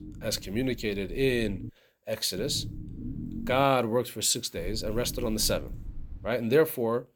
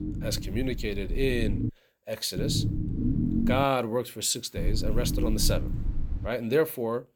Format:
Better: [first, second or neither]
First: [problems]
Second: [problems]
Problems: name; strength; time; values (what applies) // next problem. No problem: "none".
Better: first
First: low rumble; faint; until 1.5 s, from 2.5 to 3.5 s and from 4.5 to 6.5 s; 20 dB below the speech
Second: low rumble; loud; until 1.5 s, from 2.5 to 3.5 s and from 4.5 to 6.5 s; 9 dB below the speech